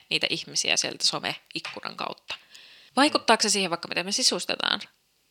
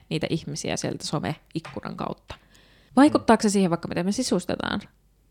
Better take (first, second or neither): second